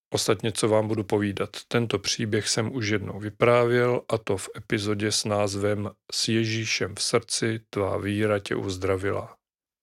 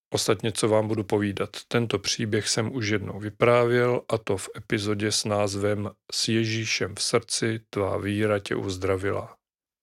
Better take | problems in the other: neither | none

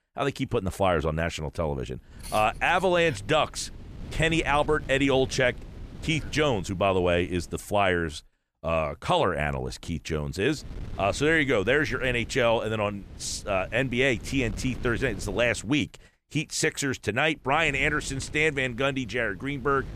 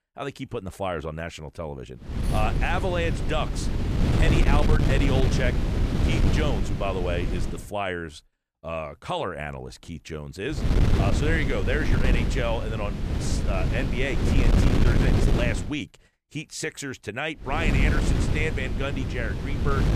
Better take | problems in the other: first | wind noise on the microphone; heavy; from 2 to 7.5 s, from 11 to 16 s and from 18 s on; 3 dB below the speech; occasional gusts in the first

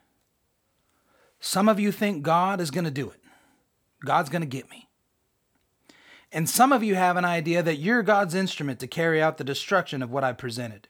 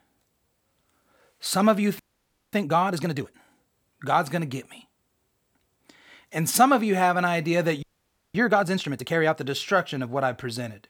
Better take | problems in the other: first | audio freezing; at 2 s for 0.5 s and at 8 s for 0.5 s

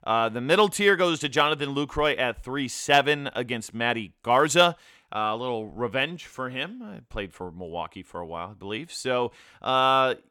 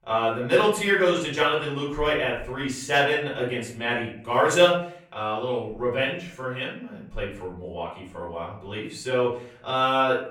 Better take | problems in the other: first | off-mic speech; far // room echo; slight; dies away in 0.5 s

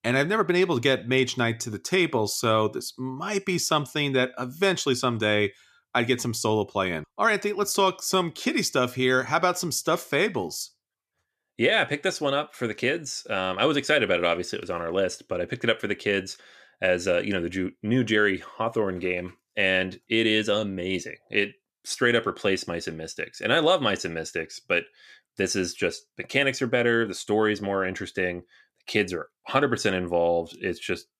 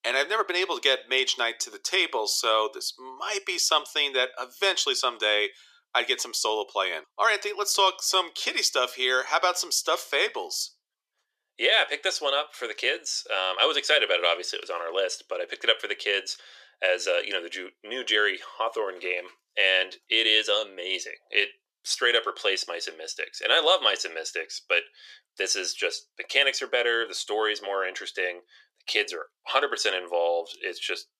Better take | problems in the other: first | thin; very; fading below 400 Hz

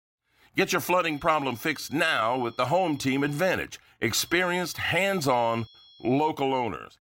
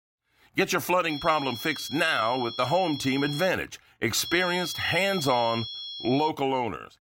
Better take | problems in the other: first | high-pitched whine; loud; from 1 to 3.5 s and from 4.5 to 6.5 s; 3.5 kHz, 9 dB below the speech; faint in the first

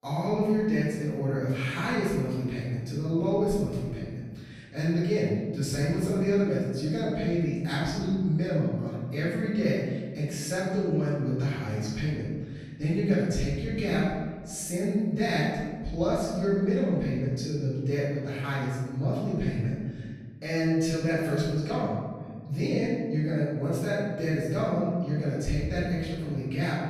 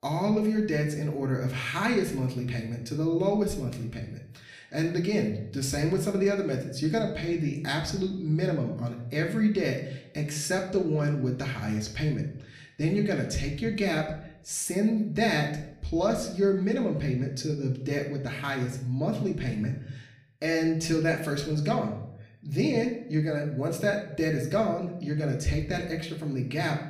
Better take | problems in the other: second | room echo; strong; dies away in 1.6 s; slight in the second // off-mic speech; far; somewhat distant in the second

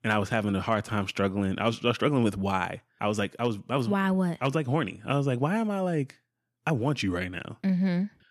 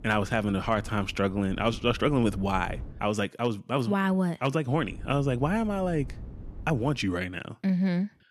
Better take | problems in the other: first | wind noise on the microphone; occasional gusts; until 3 s and from 5 to 7 s; 25 dB below the speech

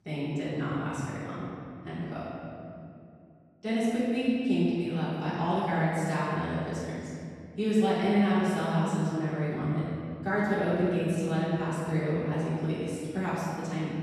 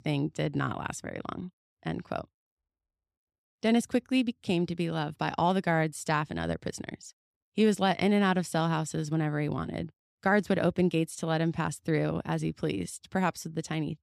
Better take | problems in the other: second | off-mic speech; far // room echo; strong; dies away in 2.4 s

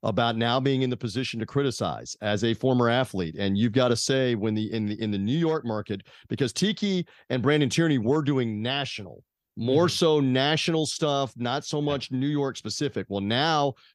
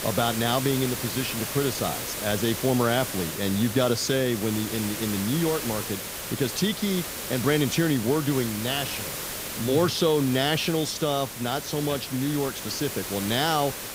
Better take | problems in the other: first | hiss; loud; throughout; 6 dB below the speech

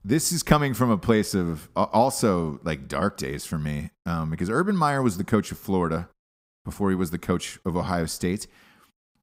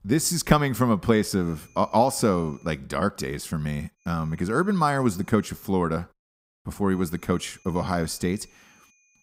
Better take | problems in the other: first | high-pitched whine; faint; from 1.5 to 3 s, from 4 to 5.5 s and from 7 s on; 2.5 kHz, 35 dB below the speech

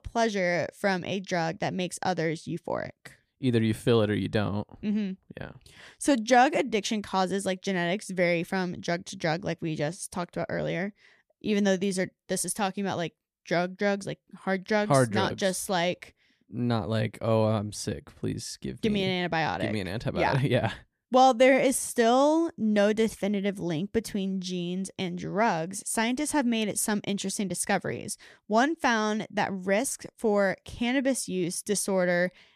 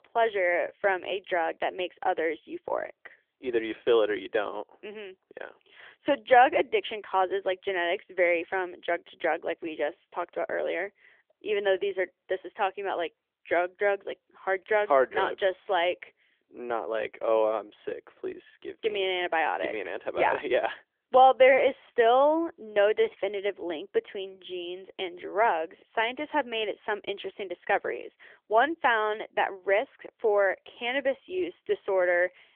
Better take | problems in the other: first | phone-call audio; nothing above 3.5 kHz

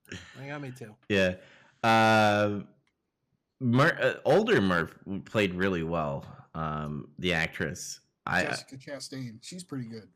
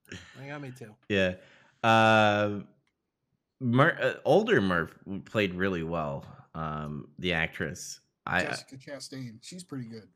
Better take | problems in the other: second | distortion; slight; 1.8% of the sound clipped

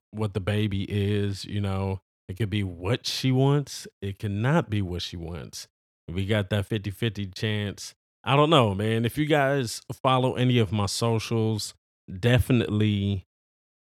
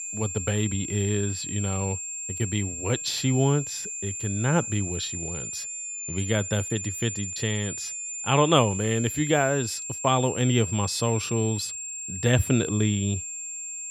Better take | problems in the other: first | high-pitched whine; loud; throughout; 7.5 kHz, 5 dB below the speech

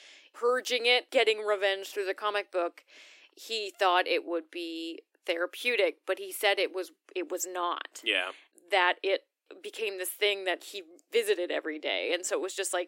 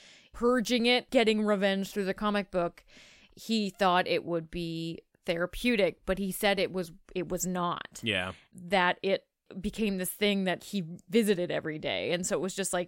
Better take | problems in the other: second | thin; very; fading below 300 Hz

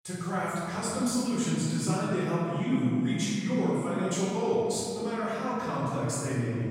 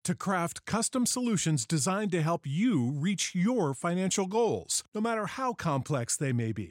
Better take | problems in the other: second | room echo; strong; dies away in 2.3 s // off-mic speech; far

